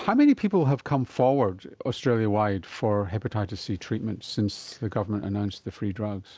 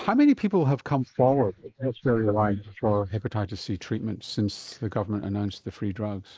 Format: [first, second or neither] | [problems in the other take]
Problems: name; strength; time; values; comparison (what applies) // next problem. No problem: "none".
first | noise reduction (neural mask model Resemble Enhance denoiser)